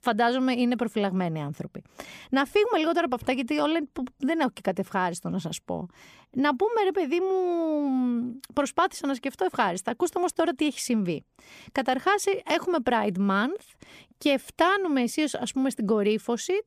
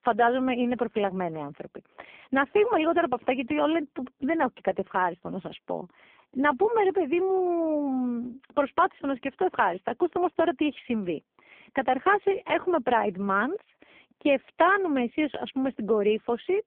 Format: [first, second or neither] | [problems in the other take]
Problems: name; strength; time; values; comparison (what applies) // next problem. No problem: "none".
first | phone-call audio; poor line; nothing above 3 kHz